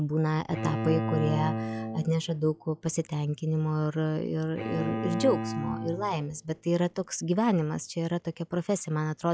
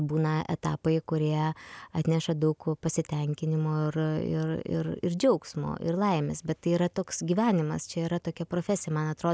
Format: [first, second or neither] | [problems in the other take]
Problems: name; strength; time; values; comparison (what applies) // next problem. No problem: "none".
second | noise reduction (classical method log-MMSE)